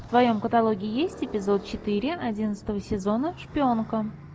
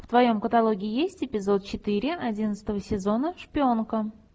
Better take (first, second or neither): second